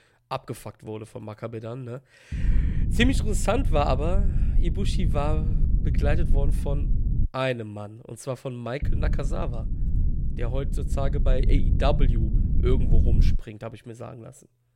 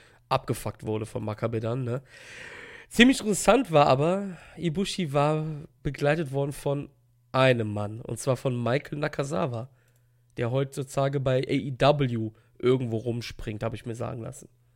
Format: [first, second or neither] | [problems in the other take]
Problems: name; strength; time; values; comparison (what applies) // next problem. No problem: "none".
second | low rumble; noticeable; from 2.5 to 7.5 s and from 9 to 13 s; 10 dB below the speech